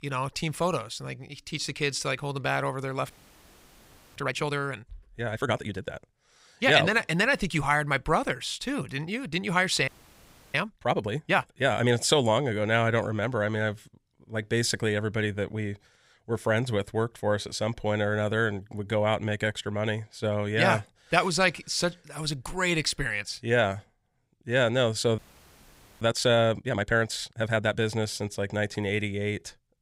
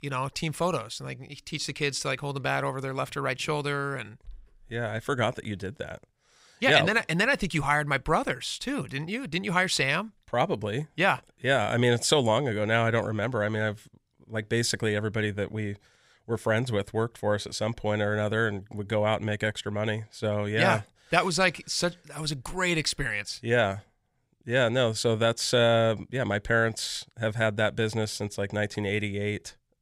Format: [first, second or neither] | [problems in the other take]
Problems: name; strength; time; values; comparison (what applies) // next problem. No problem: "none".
second | audio freezing; at 3 s for 1 s, at 10 s for 0.5 s and at 25 s for 1 s